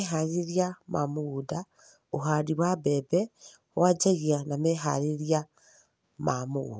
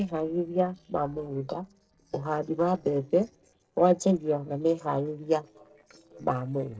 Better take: first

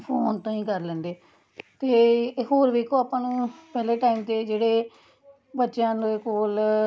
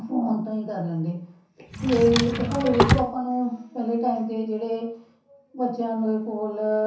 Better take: first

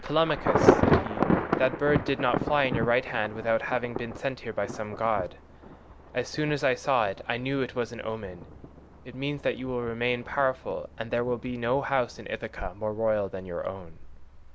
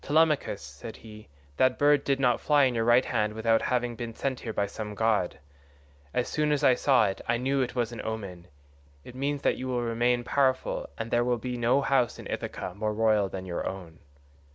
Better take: second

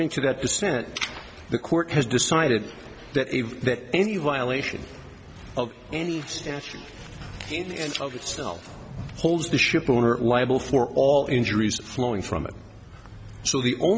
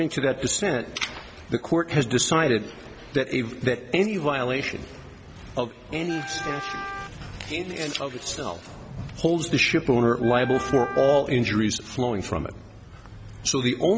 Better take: first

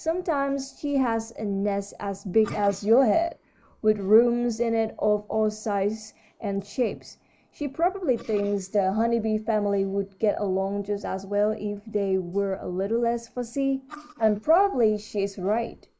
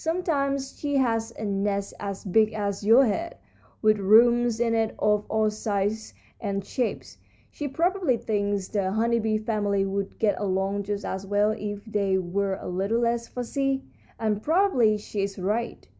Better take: second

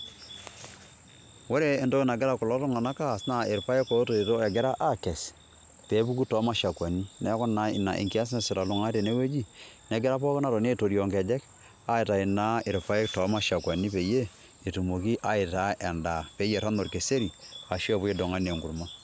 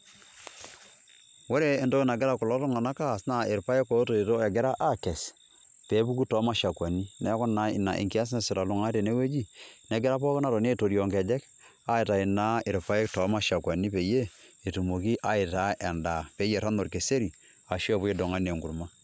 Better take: second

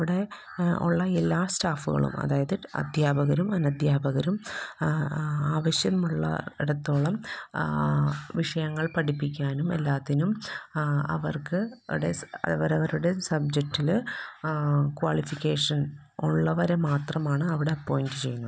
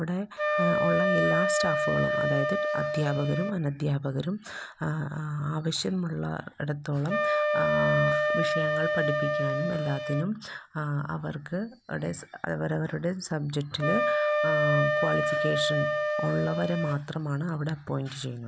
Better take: first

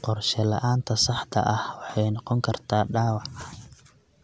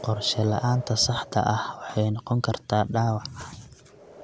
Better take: first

